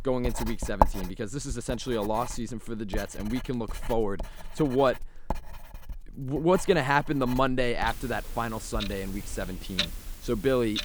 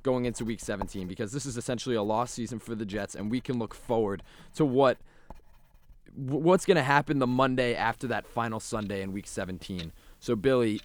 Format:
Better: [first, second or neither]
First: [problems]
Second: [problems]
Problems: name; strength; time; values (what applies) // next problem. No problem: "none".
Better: second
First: household noises; loud; throughout; 7 dB below the speech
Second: household noises; faint; throughout; 25 dB below the speech